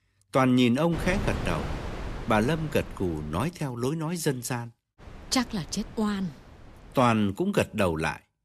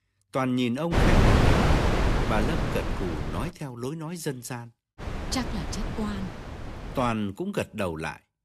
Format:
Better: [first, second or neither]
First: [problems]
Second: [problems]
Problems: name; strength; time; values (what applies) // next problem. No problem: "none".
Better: first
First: wind noise on the microphone; occasional gusts; from 1 to 3.5 s and from 5 to 7 s; 10 dB below the speech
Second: wind noise on the microphone; heavy; from 1 to 3.5 s and from 5 to 7 s; 3 dB above the speech